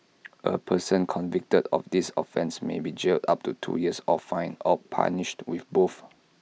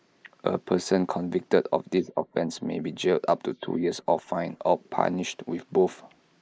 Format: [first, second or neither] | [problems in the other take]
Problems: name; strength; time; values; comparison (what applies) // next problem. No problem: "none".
first | noise reduction (neural mask model Resemble Enhance denoiser)